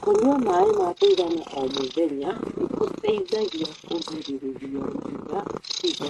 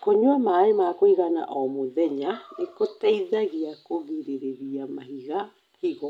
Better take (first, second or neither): second